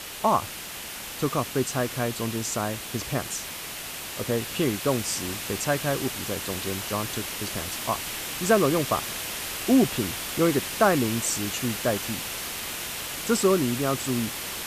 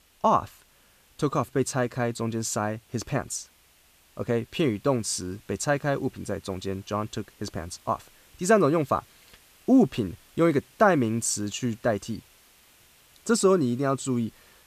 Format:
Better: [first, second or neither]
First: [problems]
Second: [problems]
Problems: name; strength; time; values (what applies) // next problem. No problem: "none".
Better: second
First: hiss; loud; throughout; 4 dB below the speech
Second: hiss; faint; throughout; 30 dB below the speech